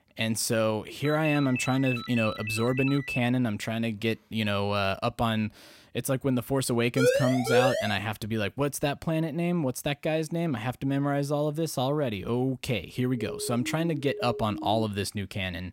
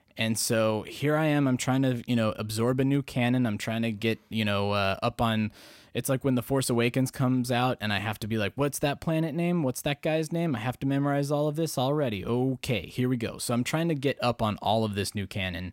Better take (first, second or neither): second